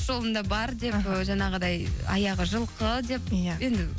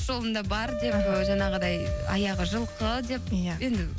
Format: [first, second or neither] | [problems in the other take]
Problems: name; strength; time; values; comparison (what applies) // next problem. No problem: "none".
first | background sound (Wind instrument, woodwind instrument); 6 dB below the speech